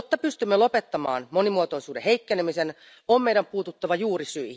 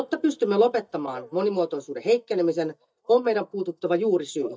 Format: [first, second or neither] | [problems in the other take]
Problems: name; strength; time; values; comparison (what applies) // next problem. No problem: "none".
first | noise reduction (neural mask model DeepFilterNet 3)